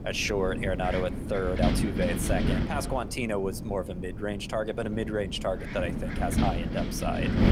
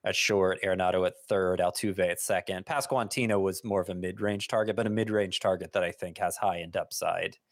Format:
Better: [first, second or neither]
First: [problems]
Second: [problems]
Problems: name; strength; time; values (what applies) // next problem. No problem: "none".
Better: second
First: wind noise on the microphone; heavy; 6 dB below the speech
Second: none